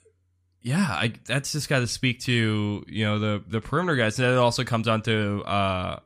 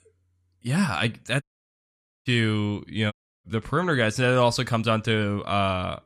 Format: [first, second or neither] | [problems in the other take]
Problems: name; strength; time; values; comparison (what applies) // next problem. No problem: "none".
first | audio cutting out; at 1.5 s for 1 s and at 3 s